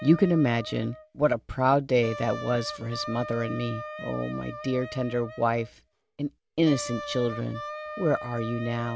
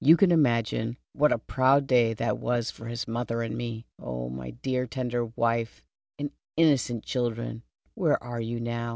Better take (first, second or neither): second